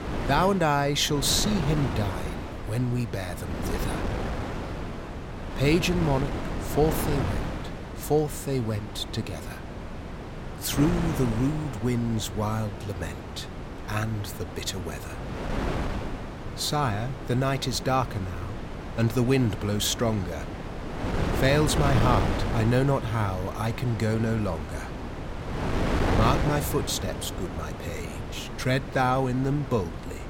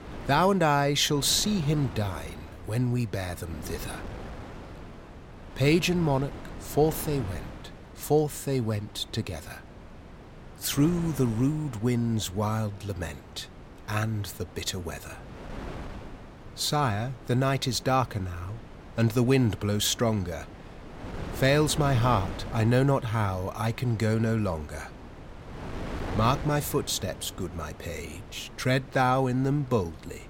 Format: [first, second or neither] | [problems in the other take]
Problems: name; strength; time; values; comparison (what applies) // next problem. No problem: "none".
second | wind noise on the microphone; heavy; 7 dB below the speech; occasional gusts in the second